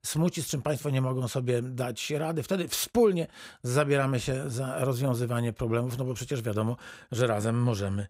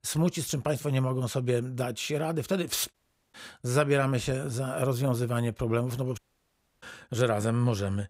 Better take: first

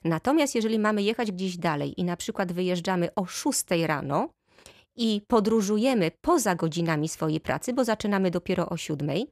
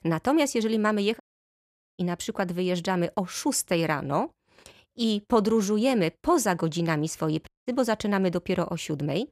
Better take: first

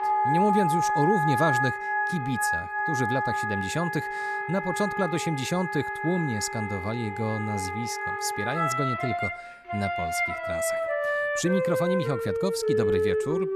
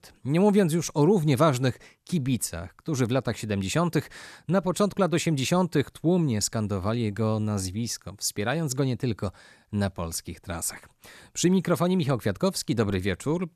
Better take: second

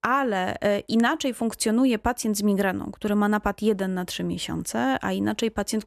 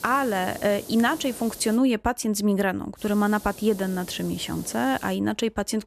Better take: first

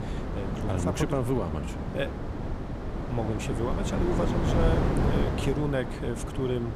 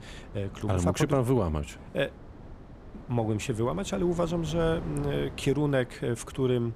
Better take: second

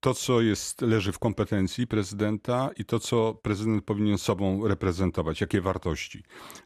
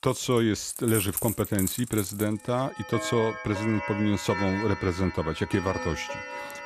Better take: first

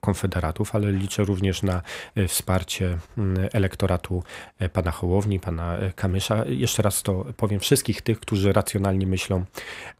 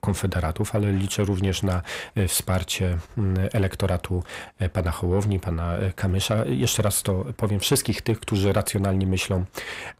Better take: first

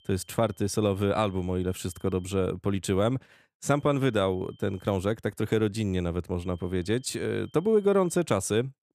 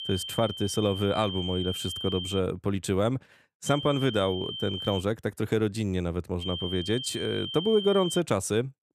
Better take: first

